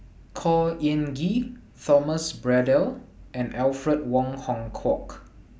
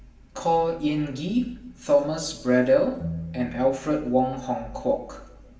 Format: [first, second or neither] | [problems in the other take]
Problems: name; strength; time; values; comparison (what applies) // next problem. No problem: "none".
first | background sound (Piano); 13 dB below the speech // room echo; dies away in 0.8 s